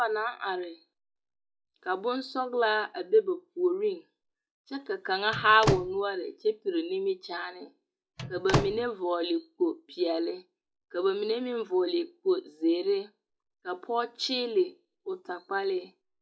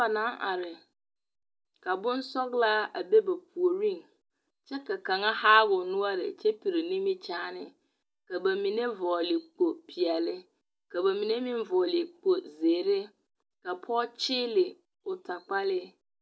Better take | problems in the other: second | noise reduction (classical method log-MMSE)

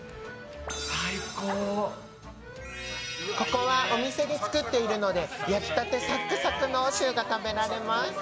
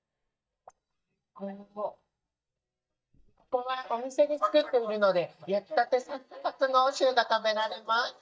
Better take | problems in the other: first | noise reduction (neural mask model DeepFilterNet 3)

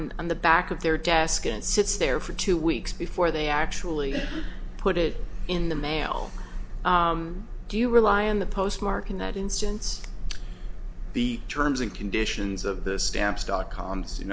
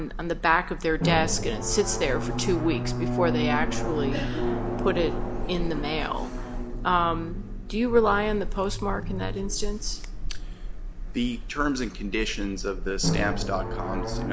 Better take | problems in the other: first | background sound (Drum); 6 dB below the speech

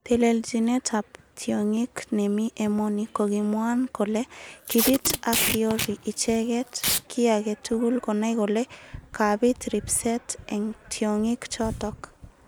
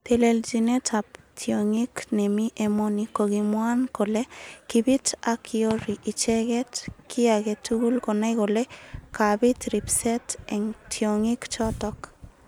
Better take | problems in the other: second | background sound (Packing tape, duct tape); 4 dB below the speech

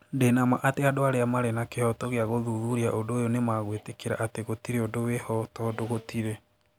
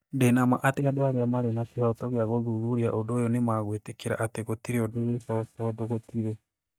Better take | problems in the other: first | noise reduction (neural mask model DeepFilterNet 3)

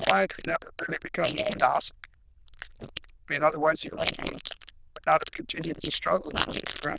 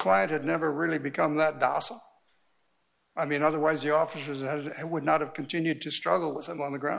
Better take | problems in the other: second | noise reduction (neural diffusion model UNIVERSE++)

